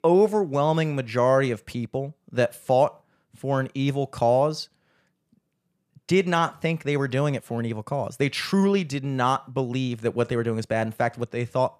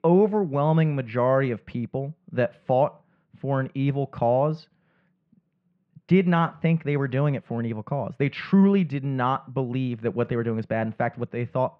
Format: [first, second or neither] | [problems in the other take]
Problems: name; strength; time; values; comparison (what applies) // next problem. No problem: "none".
first | muffled; very; fading above 2.5 kHz